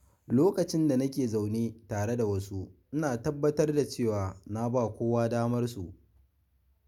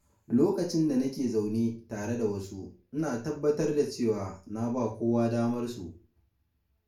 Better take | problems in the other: first | room echo; dies away in 0.3 s

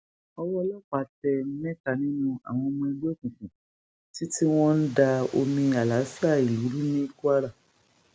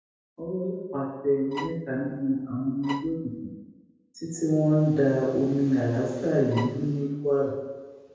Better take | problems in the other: first | background sound (Bowed string instrument); 13 dB below the speech // room echo; dies away in 1.2 s

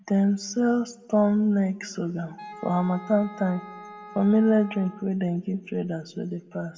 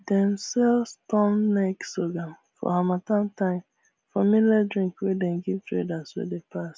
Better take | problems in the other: second | background sound (Wind instrument, woodwind instrument); 18 dB below the speech // room echo; dies away in 1.4 s

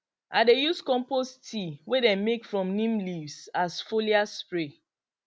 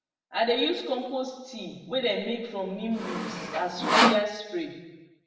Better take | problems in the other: first | background sound (Sawing); 3 dB above the speech // room echo; dies away in 1.1 s

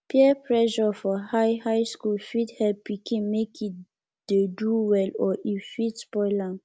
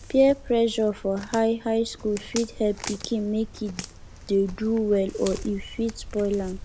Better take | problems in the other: first | background sound (Walk, footsteps); 14 dB below the speech

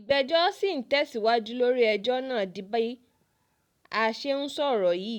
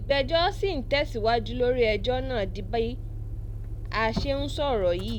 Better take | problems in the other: first | background sound (Motor vehicle (road)); 6 dB below the speech

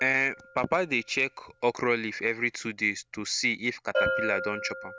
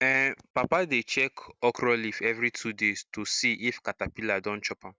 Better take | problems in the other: second | background sound (Bell); 7 dB below the speech

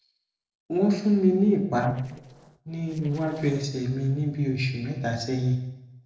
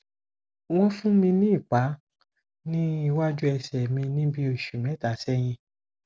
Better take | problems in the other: second | noise reduction (neural separator model SepFormer DNS4)

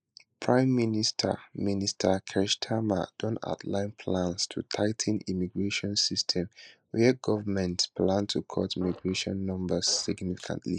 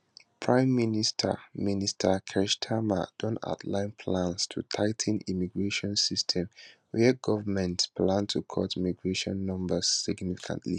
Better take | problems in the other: second | noise reduction (neural mask model Resemble Enhance denoiser)

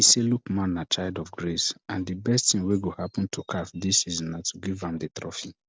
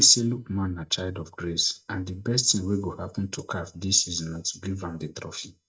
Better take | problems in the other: first | noise reduction (neural mask model DeepFilterNet 3)

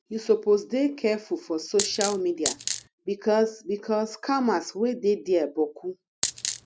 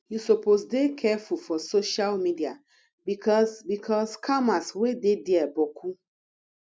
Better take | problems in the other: second | background sound (Coin (dropping)); 3 dB below the speech

